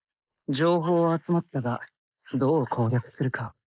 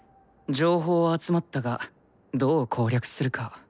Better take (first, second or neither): second